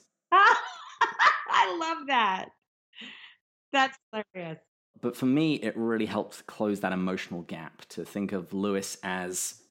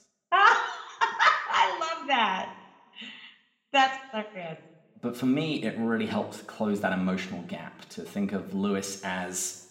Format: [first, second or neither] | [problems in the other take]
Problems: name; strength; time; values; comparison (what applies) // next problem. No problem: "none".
first | room echo; very slight; dies away in 0.8 s